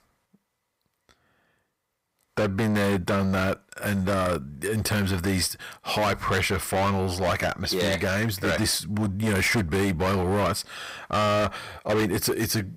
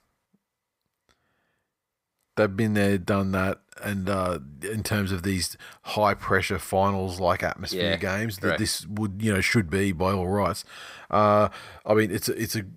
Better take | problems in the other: second | distortion; heavy; 17% of the sound clipped

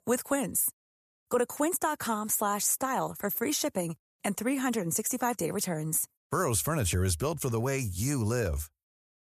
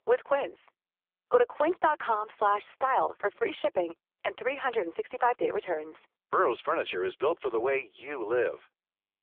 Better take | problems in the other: first | phone-call audio; poor line; nothing above 3.5 kHz

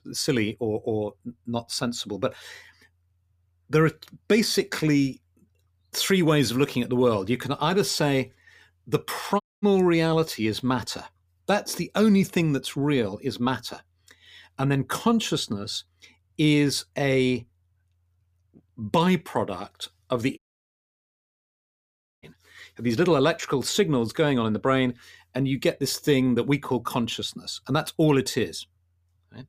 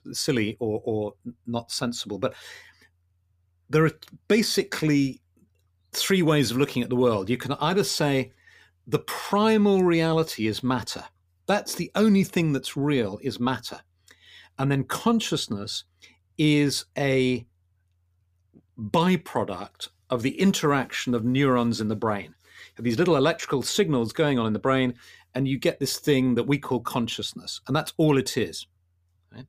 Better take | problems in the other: second | audio cutting out; at 9.5 s and at 20 s for 2 s

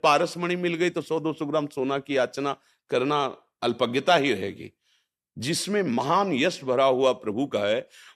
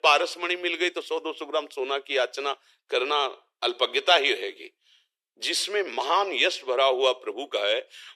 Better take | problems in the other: first | thin; very; fading below 350 Hz

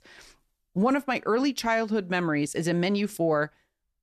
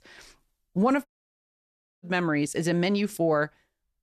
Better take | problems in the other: first | audio cutting out; at 1 s for 1 s

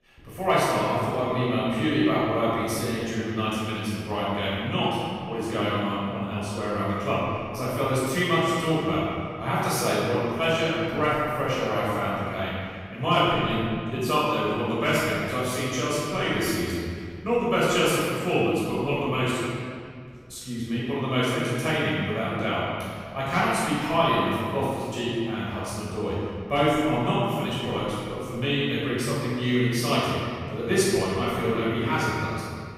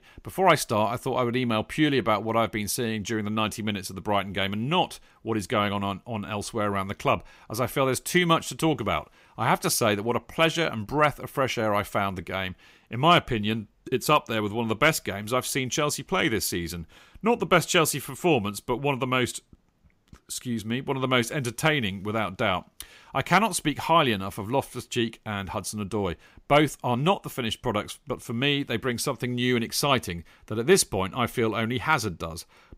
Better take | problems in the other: second | off-mic speech; far // room echo; strong; dies away in 2.1 s

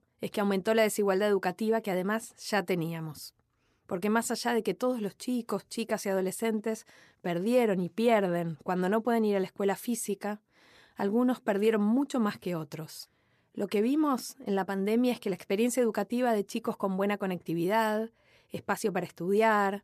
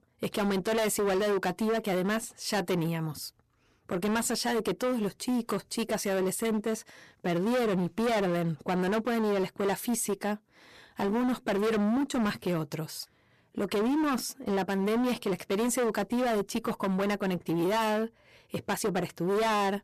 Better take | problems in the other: first | distortion; heavy; 23% of the sound clipped

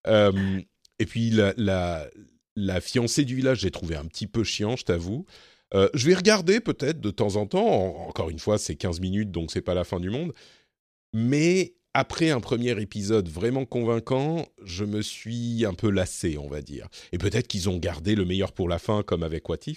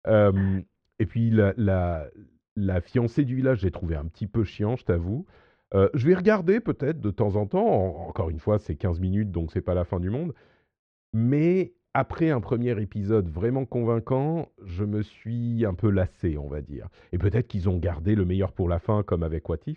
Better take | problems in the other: first | muffled; very; fading above 1.5 kHz

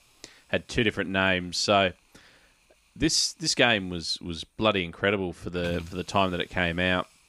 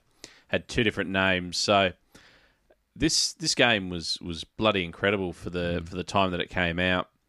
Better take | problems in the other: second | hiss; faint; throughout; 30 dB below the speech

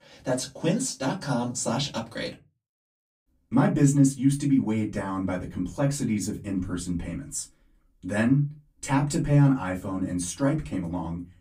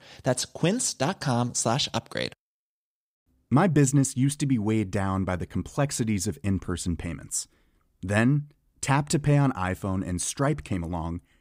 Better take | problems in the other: second | off-mic speech; far // room echo; very slight; dies away in 0.2 s

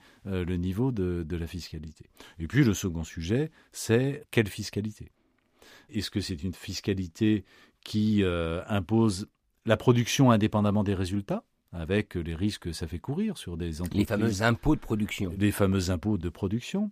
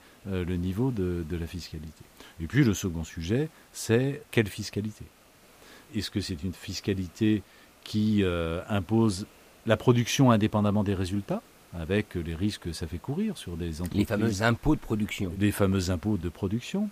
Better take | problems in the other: first | hiss; faint; throughout; 25 dB below the speech

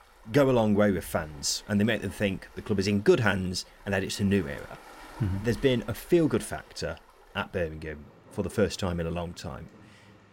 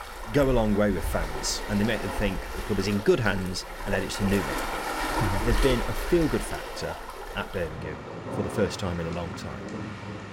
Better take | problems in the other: first | rain or running water; loud; throughout; 5 dB below the speech; faint in the first

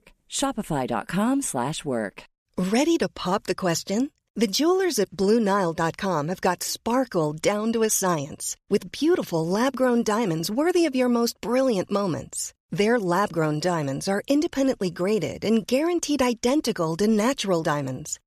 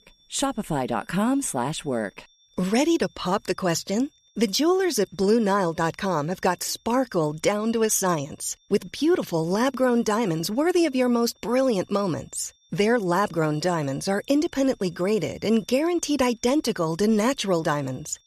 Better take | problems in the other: first | high-pitched whine; faint; throughout; 3.5 kHz, 35 dB below the speech

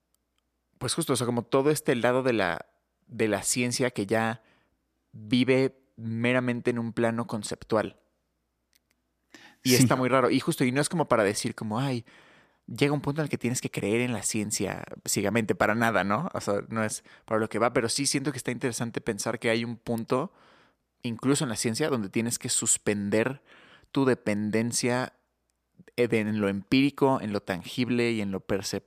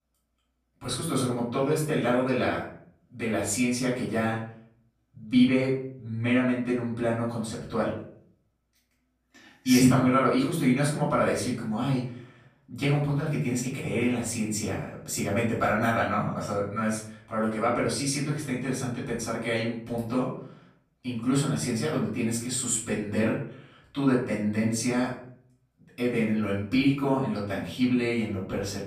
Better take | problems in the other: first | room echo; noticeable; dies away in 0.5 s // off-mic speech; far

